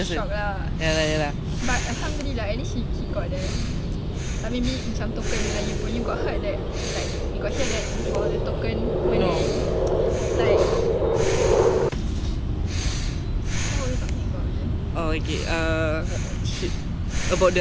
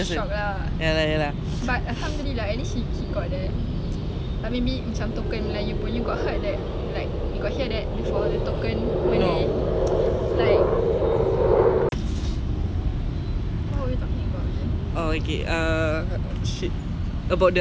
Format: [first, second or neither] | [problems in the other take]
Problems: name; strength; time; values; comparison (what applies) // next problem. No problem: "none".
second | background sound (Breathing); 10 dB below the speech